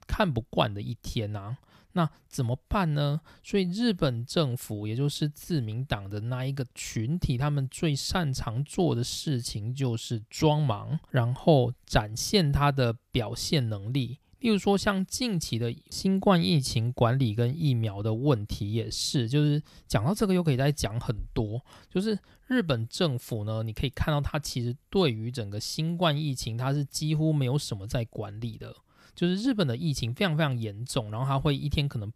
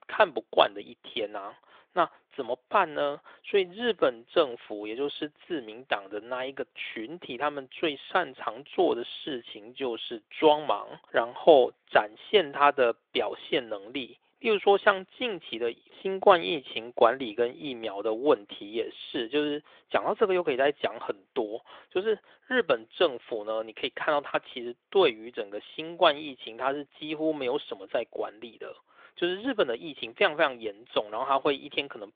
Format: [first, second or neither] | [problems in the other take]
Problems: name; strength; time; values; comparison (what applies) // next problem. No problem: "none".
first | phone-call audio; nothing above 3.5 kHz